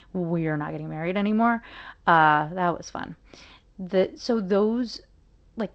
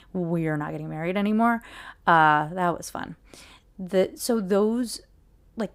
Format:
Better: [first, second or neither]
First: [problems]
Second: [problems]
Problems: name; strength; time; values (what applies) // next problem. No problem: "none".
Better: second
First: garbled, watery; slightly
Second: none